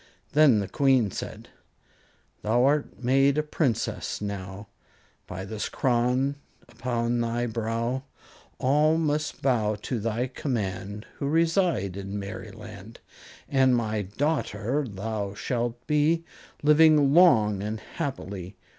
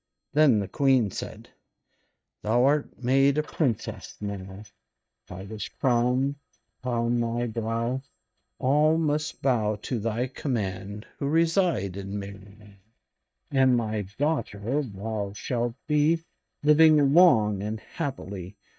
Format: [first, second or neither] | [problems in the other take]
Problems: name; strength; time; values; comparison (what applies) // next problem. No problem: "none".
first | noise reduction (neural mask model DeepFilterNet 3)